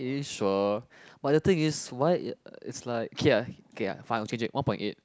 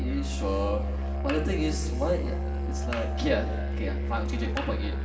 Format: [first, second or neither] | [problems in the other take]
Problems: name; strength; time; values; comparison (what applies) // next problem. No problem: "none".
first | background sound (Musical instrument); 2 dB above the speech // room echo; dies away in 2.2 s